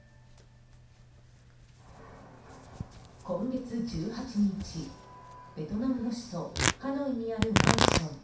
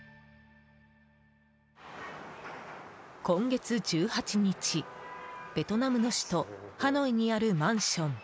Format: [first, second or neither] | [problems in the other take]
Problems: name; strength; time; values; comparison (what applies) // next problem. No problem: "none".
second | background sound (Tearing); 1 dB above the speech // room echo; dies away in 0.6 s